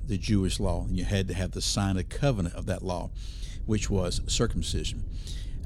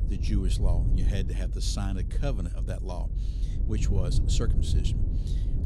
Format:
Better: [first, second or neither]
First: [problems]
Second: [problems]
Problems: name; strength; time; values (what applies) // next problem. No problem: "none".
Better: first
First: low rumble; faint; throughout; 20 dB below the speech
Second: low rumble; loud; throughout; 6 dB below the speech